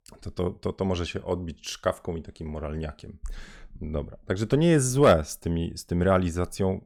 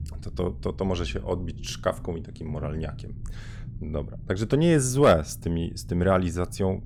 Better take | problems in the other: first | low rumble; faint; throughout; 25 dB below the speech

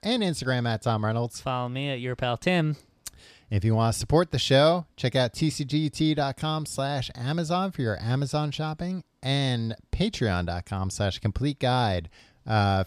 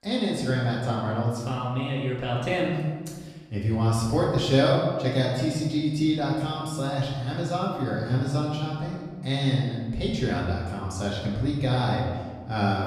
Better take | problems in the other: first | room echo; noticeable; dies away in 1.3 s // off-mic speech; far

